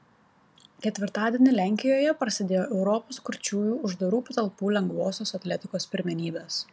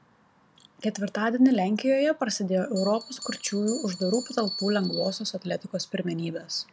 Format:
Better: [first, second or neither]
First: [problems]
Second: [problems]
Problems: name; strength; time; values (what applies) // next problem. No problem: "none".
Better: first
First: none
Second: background sound (Bell); 11 dB below the speech